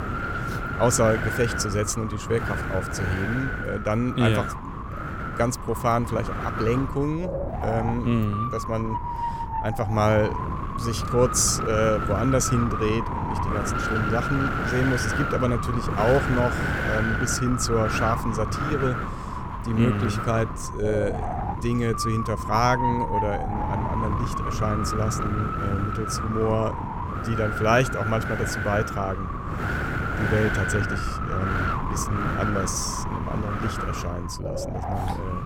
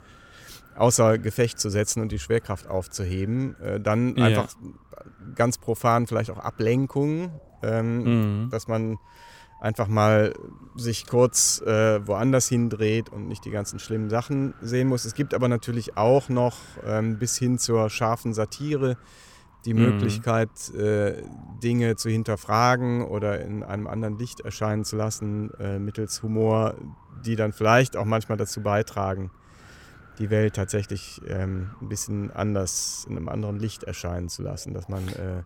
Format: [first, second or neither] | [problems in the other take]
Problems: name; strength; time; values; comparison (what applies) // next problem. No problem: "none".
second | wind noise on the microphone; heavy; 1 dB below the speech; occasional gusts in the second